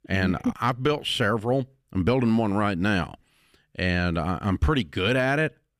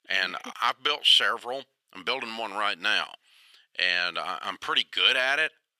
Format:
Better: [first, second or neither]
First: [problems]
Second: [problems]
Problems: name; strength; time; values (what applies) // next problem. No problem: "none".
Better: first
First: none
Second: thin; very; fading below 850 Hz